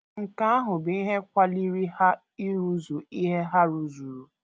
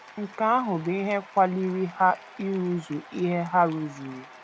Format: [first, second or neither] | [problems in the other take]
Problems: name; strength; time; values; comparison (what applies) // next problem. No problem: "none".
first | background sound (Applause / Cheering); 20 dB below the speech